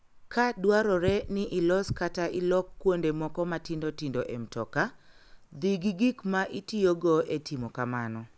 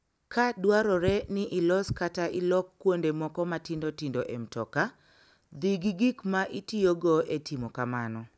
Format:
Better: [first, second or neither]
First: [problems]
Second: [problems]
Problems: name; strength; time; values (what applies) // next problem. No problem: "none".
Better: second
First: background sound (Rain); 20 dB below the speech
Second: none